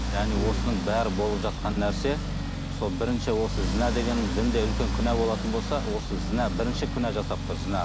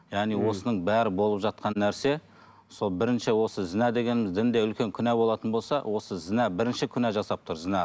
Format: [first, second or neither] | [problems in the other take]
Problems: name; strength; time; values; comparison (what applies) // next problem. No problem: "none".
second | background sound (Accelerating, revving, vroom); as loud as the speech